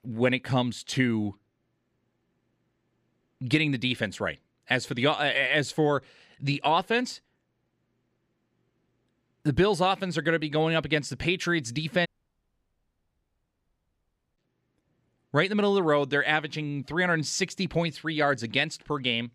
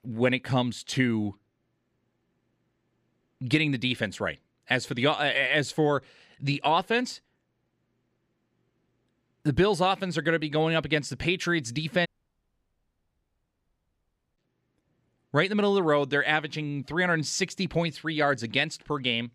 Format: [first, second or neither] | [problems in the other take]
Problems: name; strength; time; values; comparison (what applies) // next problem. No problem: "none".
neither | audio cutting out; at 12 s for 2.5 s; the same in both